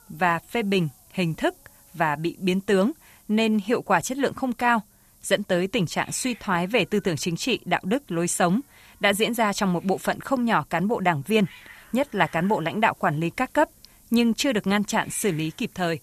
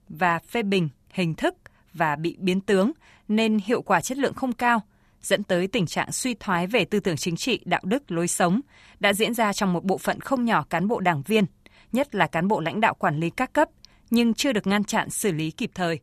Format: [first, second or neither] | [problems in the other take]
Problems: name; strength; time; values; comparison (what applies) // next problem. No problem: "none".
second | hiss; faint; throughout; 25 dB below the speech